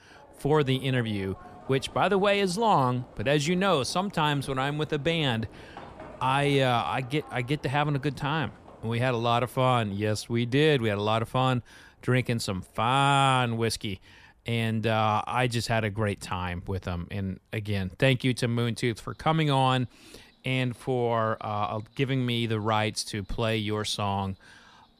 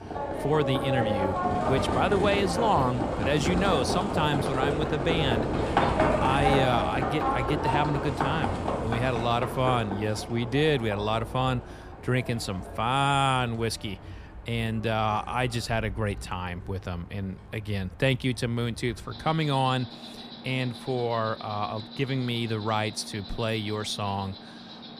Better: first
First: animal sounds; faint; throughout; 25 dB below the speech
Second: animal sounds; loud; throughout; 2 dB below the speech

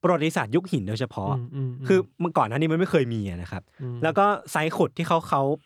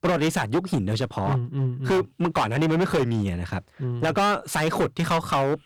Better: first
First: none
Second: distortion; heavy; 15% of the sound clipped

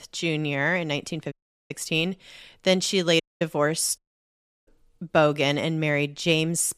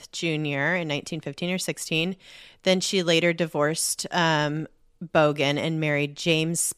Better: second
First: audio cutting out; at 1.5 s, at 3 s and at 4 s for 0.5 s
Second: none

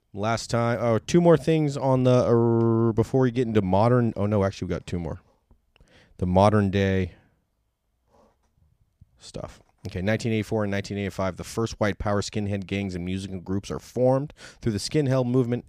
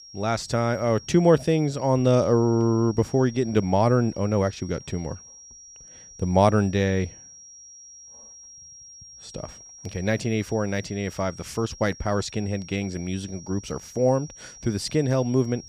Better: first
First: none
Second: high-pitched whine; noticeable; throughout; 5.5 kHz, 20 dB below the speech

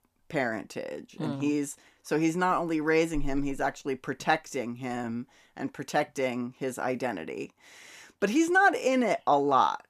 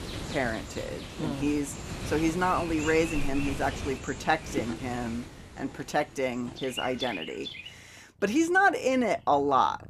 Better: first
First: none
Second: animal sounds; loud; throughout; 9 dB below the speech

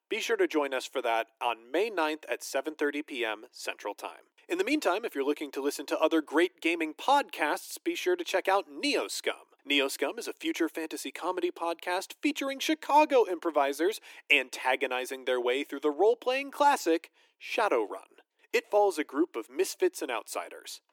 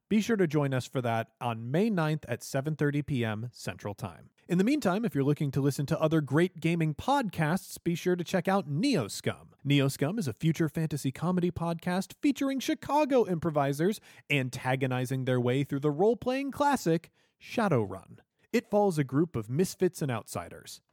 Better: second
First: thin; very; fading below 300 Hz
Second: none

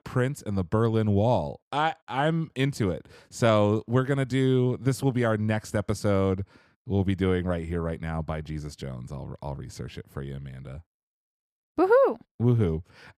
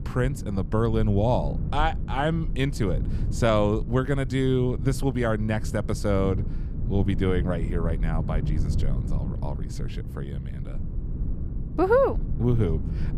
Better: first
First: none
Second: low rumble; noticeable; throughout; 15 dB below the speech

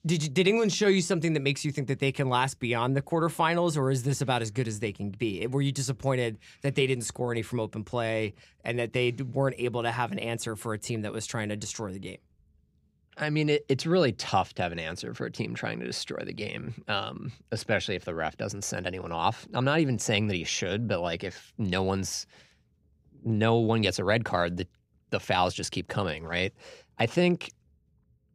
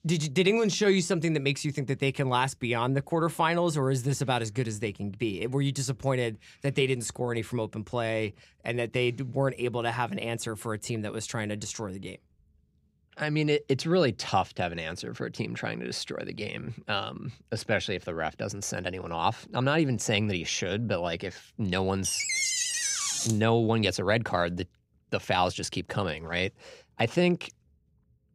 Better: first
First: none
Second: door banging; loud; from 22 to 23 s; peak 4 dB above the speech

